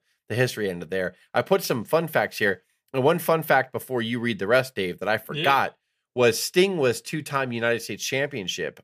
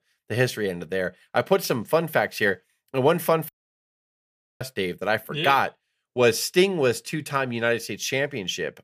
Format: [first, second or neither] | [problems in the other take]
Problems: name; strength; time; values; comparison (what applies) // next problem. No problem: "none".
first | audio cutting out; at 3.5 s for 1 s